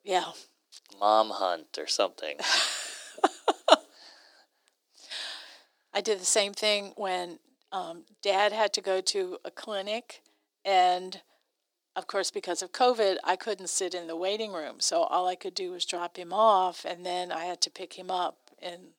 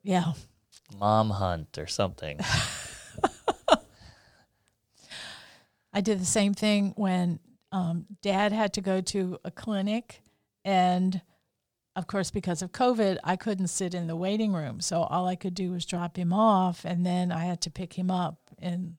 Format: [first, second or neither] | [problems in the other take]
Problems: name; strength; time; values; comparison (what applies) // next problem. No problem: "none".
second | thin; very; fading below 300 Hz